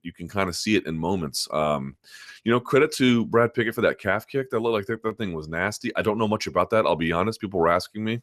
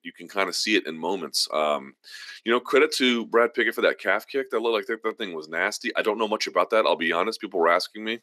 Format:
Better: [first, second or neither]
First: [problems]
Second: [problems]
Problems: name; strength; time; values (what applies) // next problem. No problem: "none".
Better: first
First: none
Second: thin; very slightly; fading below 250 Hz